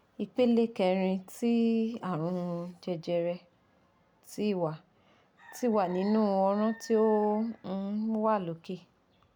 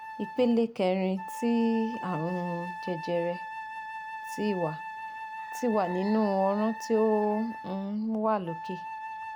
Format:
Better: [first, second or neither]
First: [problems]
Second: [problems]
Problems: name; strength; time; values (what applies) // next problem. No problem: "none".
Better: first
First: none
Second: background sound (Wind instrument, woodwind instrument); 10 dB below the speech